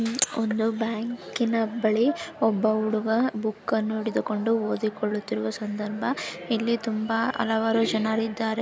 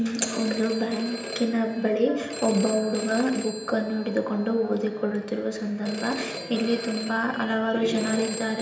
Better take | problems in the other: first | background sound (Telephone); 12 dB below the speech // room echo; dies away in 0.8 s

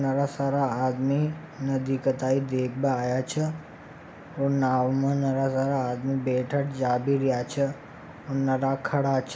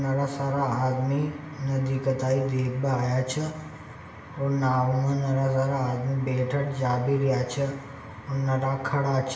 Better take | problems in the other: first | room echo; dies away in 1.1 s

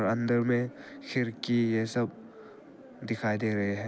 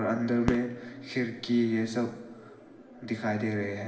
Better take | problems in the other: first | background sound (Fireworks); 12 dB below the speech // room echo; dies away in 1.1 s

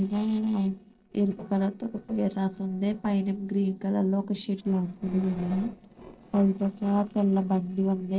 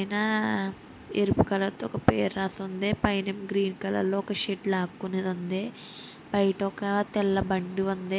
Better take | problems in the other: second | noise reduction (neural separator model SepFormer DNS4)

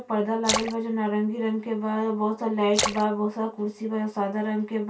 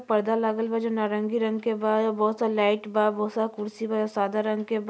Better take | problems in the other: second | background sound (Splash, splatter); 8 dB below the speech // room echo; dies away in 0.2 s

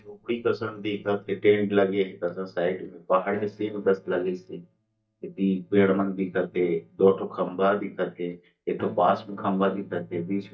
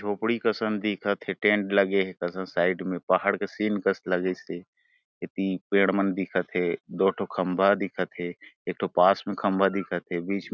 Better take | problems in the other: second | noise reduction (neural mask model DeepFilterNet 3)

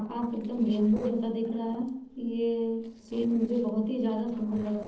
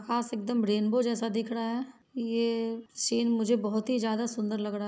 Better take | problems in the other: second | noise reduction (neural separator model SepFormer DNS4)

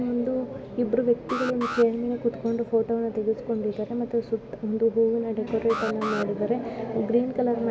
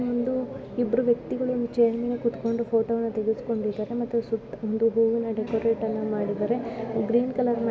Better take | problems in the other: second | background sound (Alarm); 11 dB below the speech

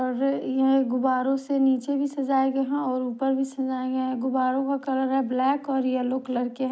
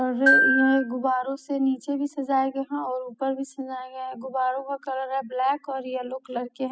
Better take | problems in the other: first | noise reduction (classical method spectral subtraction)

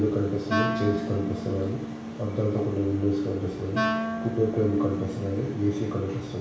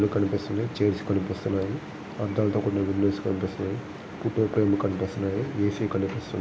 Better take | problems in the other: second | background sound (Wind instrument, woodwind instrument); 6 dB below the speech // room echo; dies away in 0.7 s

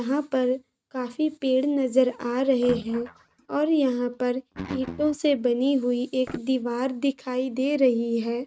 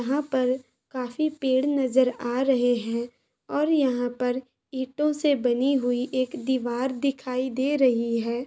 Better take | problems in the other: second | noise reduction (neural mask model RNNoise)

